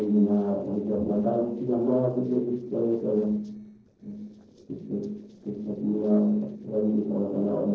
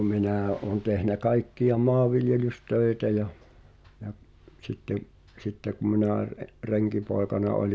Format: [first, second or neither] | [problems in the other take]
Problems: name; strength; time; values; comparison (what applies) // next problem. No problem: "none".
second | noise reduction (neural separator model SepFormer DNS4)